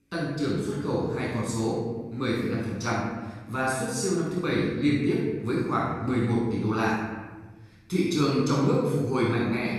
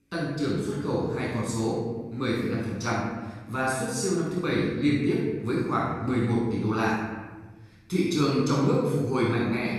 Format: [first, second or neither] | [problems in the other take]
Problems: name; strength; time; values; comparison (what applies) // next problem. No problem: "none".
neither | off-mic speech; far; the same in both // room echo; strong; dies away in 1.3 s; the same in both